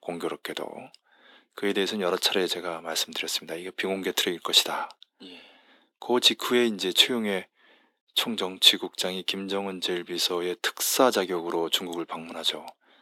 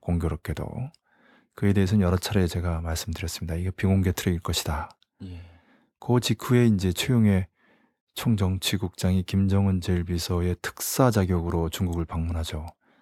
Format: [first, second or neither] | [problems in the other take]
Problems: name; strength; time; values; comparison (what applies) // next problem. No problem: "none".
second | thin; somewhat; fading below 300 Hz